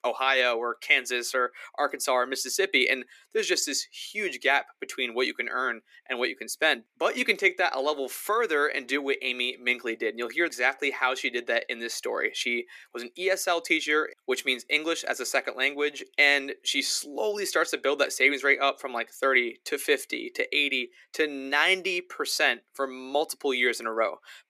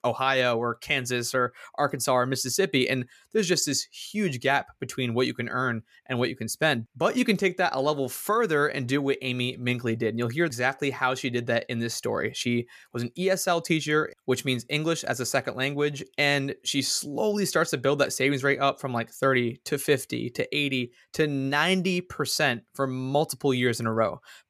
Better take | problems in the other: second | thin; somewhat; fading below 300 Hz

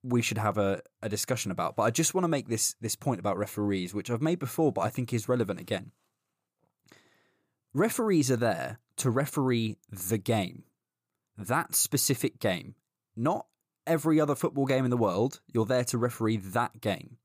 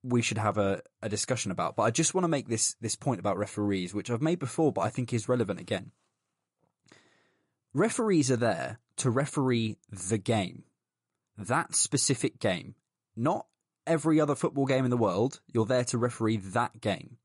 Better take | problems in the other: first | garbled, watery; slightly; nothing above 11 kHz

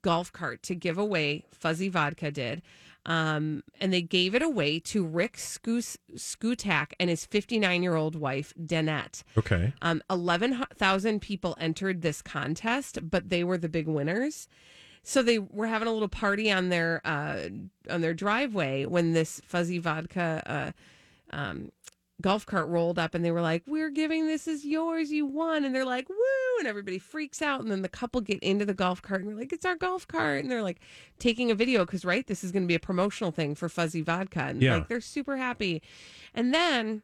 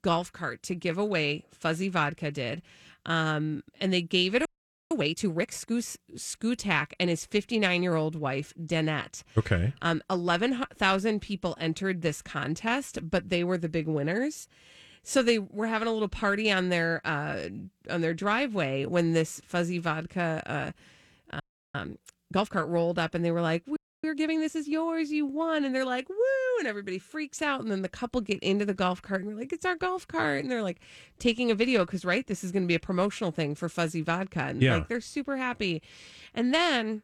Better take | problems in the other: first | audio freezing; at 4.5 s, at 21 s and at 24 s

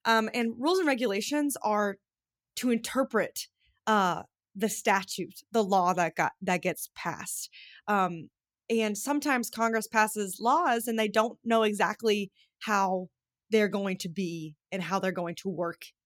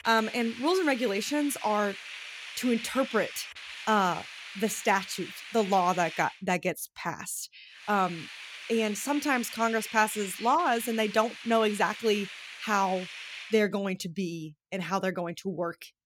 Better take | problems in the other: first | hiss; noticeable; until 6.5 s and from 8 to 14 s; 10 dB below the speech

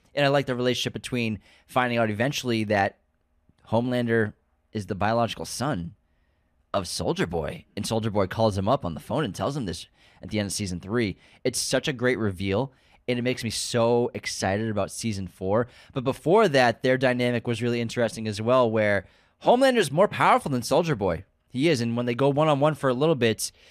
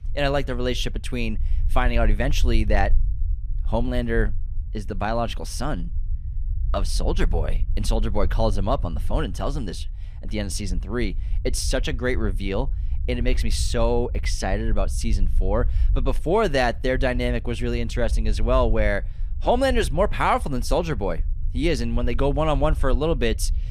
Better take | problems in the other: first | low rumble; faint; throughout; 25 dB below the speech

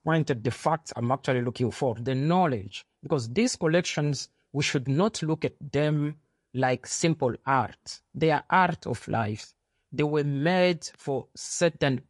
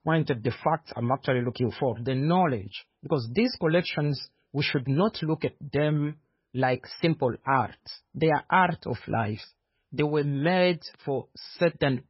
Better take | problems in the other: first | garbled, watery; badly; nothing above 5.5 kHz; slightly in the first

